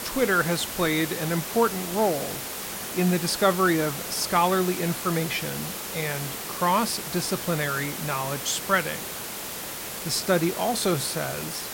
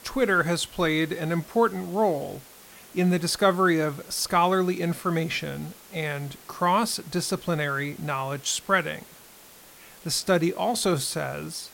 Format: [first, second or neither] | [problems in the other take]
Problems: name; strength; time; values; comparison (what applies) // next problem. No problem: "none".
second | hiss; loud; throughout; 6 dB below the speech; faint in the second